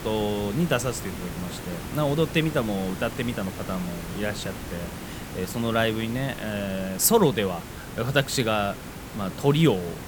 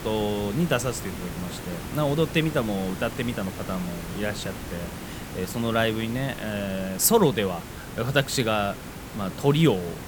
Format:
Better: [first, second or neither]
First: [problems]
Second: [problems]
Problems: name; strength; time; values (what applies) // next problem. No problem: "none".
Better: neither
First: hiss; noticeable; throughout; 10 dB below the speech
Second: hiss; noticeable; throughout; 10 dB below the speech